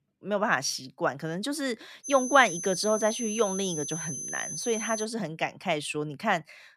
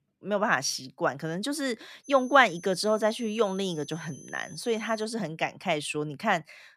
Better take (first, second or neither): second